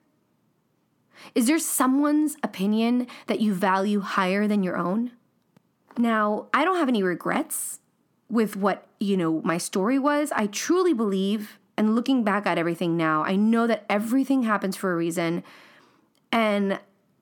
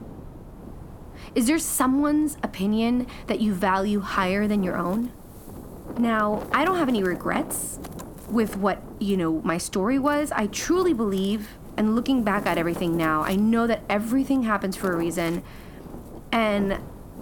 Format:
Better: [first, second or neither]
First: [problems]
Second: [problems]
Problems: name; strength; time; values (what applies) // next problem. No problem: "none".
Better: first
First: none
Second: wind noise on the microphone; occasional gusts; 15 dB below the speech